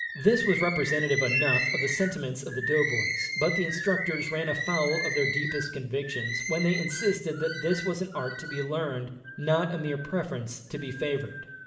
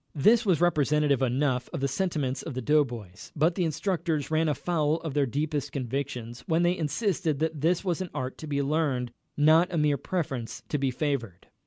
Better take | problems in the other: second | background sound (Bird); 3 dB below the speech // room echo; dies away in 1.4 s

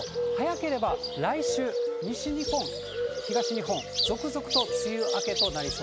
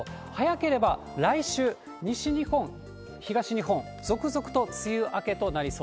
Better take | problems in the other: second | background sound (Bird); 1 dB above the speech

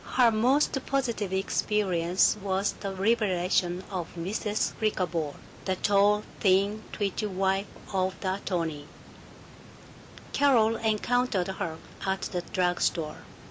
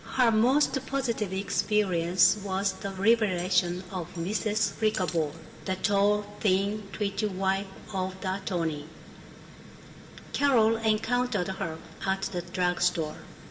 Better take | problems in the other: first | background sound (Cutlery, silverware); 19 dB below the speech // room echo; dies away in 2.1 s

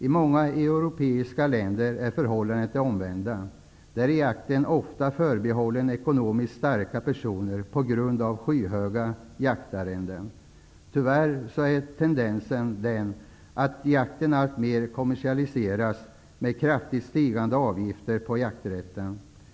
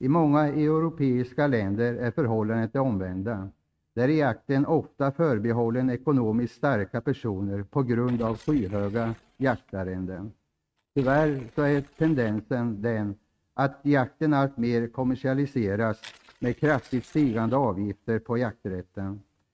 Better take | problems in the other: first | noise reduction (neural mask model RNNoise)

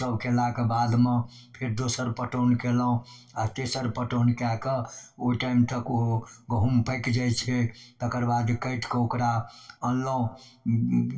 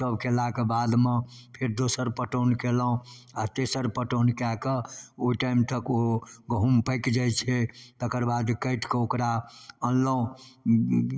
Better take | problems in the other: second | room echo; dies away in 0.2 s

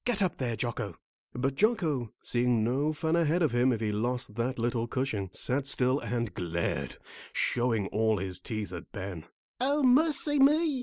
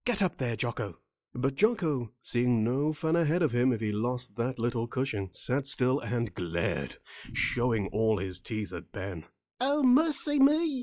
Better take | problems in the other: first | noise reduction (classical method log-MMSE)

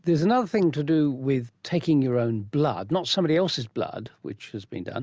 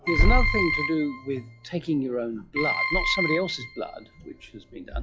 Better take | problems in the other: first | noise reduction (classical method log-MMSE)

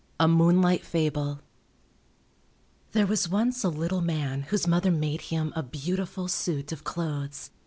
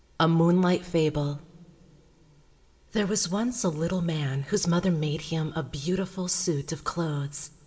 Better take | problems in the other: first | room echo; dies away in 1 s

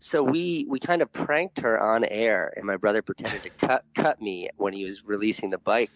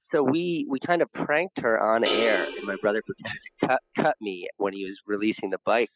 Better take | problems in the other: first | noise reduction (classical method spectral subtraction)

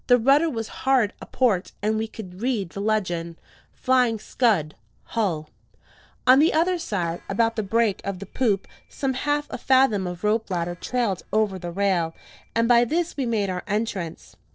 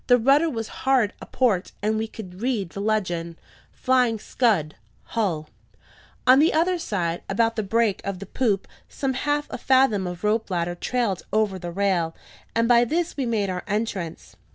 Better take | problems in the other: second | noise reduction (neural separator model SepFormer DNS4)

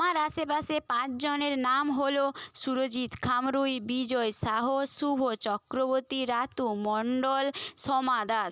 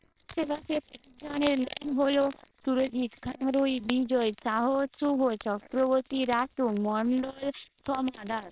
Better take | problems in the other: first | noise reduction (neural separator model SepFormer WHAMR!)

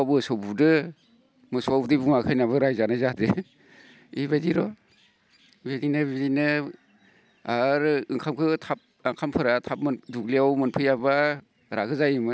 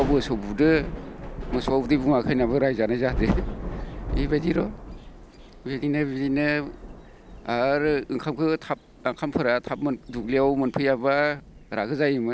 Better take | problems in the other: first | background sound (Thunder / Rain); 10 dB below the speech

